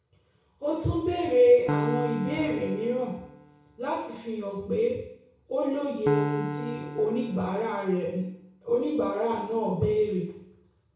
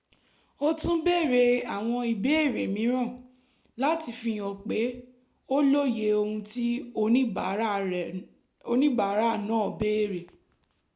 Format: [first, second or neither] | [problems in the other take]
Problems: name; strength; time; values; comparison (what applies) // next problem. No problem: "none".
second | background sound (Piano); 7 dB below the speech // room echo; dies away in 0.6 s